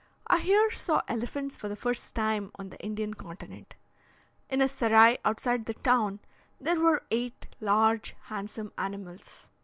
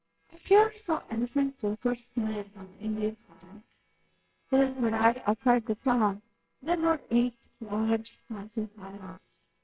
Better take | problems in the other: first | noise reduction (neural separator model SepFormer WHAMR!)

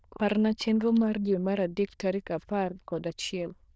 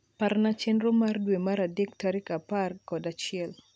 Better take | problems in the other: second | noise reduction (neural diffusion model UNIVERSE++)

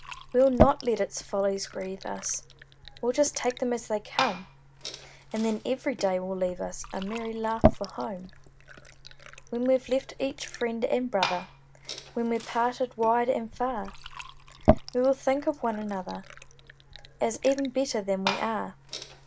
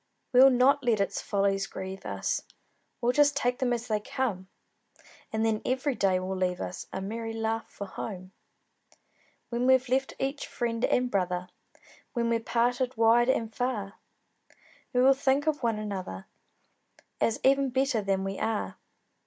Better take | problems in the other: second | background sound (Fill (with liquid) / Glass); 4 dB below the speech

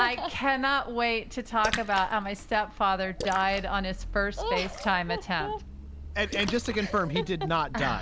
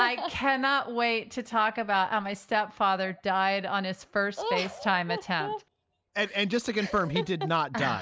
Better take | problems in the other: second | background sound (Splash, splatter); 11 dB below the speech

